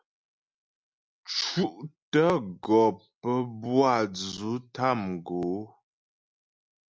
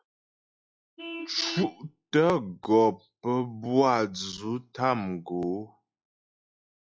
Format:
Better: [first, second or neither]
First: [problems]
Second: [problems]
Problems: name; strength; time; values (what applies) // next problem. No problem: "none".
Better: first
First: none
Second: noise reduction (classical method log-MMSE)